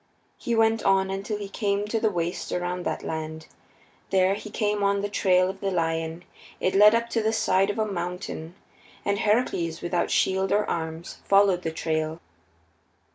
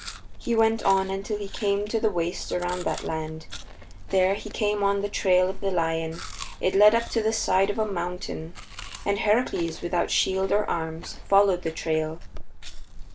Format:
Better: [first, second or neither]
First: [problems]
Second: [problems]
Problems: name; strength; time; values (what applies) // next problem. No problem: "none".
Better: first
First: none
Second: background sound (Chewing, mastication); 10 dB below the speech